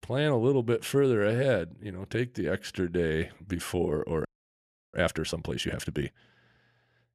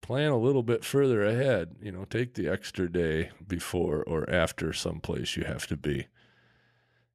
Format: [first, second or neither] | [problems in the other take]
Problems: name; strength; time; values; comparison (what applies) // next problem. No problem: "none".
second | audio freezing; at 4.5 s for 0.5 s